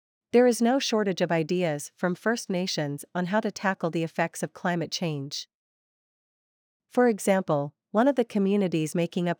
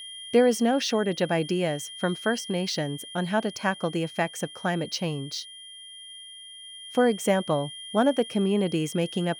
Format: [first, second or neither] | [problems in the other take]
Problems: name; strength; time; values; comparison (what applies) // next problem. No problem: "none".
first | high-pitched whine; noticeable; throughout; 3 kHz, 15 dB below the speech